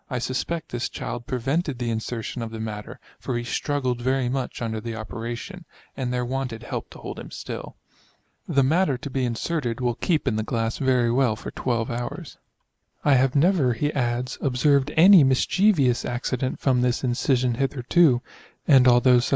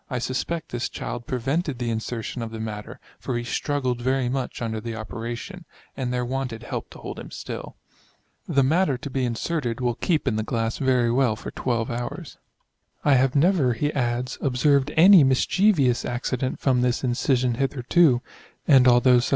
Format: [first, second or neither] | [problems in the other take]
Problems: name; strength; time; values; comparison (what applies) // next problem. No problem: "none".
second | noise reduction (neural mask model Resemble Enhance denoiser)